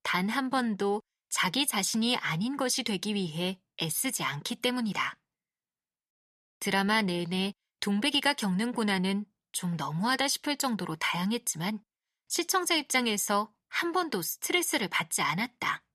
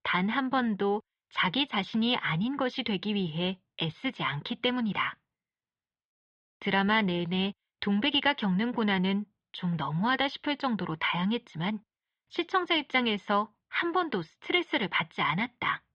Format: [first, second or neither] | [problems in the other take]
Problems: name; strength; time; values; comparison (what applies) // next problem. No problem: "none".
first | muffled; very; fading above 3.5 kHz